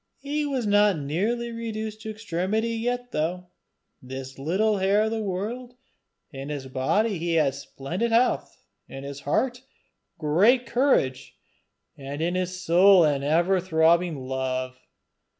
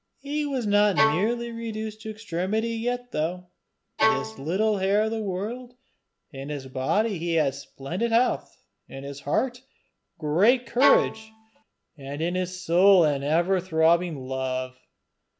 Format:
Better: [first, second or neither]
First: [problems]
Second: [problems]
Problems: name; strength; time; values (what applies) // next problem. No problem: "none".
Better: first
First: none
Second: background sound (Bowed string instrument); 2 dB below the speech